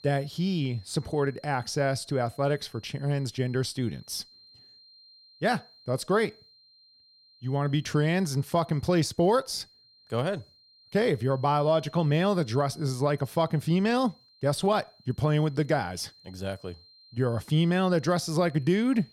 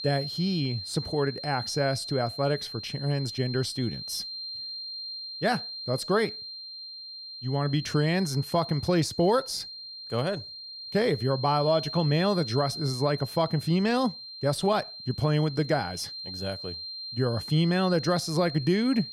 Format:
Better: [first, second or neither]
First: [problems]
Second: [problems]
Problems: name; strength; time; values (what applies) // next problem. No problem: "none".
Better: first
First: high-pitched whine; faint; throughout; 4 kHz, 25 dB below the speech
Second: high-pitched whine; loud; throughout; 4 kHz, 9 dB below the speech